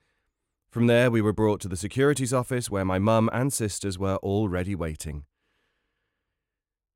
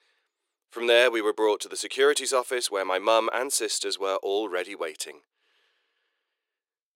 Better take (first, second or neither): first